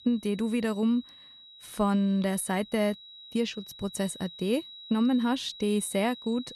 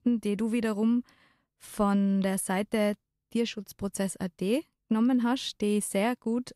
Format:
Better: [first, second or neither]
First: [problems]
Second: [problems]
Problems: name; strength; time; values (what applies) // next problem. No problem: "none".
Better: second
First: high-pitched whine; noticeable; throughout; 4 kHz, 15 dB below the speech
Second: none